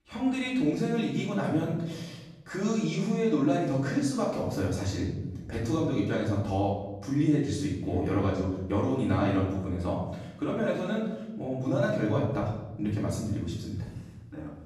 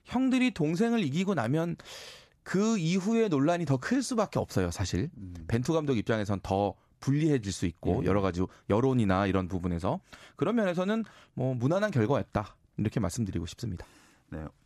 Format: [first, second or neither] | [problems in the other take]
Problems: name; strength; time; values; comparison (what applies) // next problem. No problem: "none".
second | off-mic speech; far // room echo; noticeable; dies away in 0.9 s